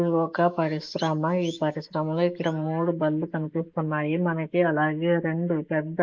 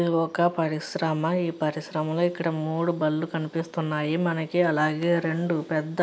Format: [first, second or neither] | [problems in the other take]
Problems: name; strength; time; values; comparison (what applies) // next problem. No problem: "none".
second | noise reduction (neural mask model Resemble Enhance denoiser)